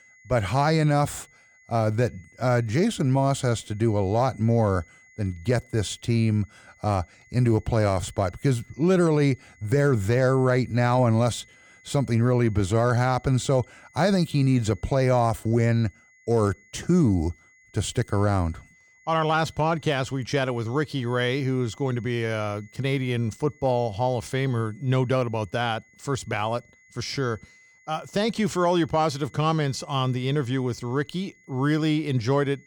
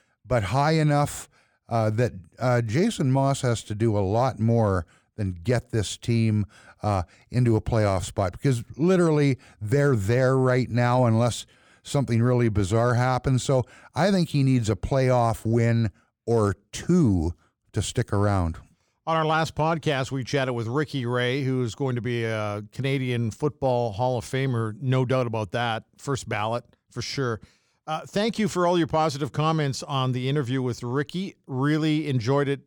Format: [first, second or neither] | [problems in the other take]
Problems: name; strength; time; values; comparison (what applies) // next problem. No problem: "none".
second | high-pitched whine; faint; throughout; 2 kHz, 30 dB below the speech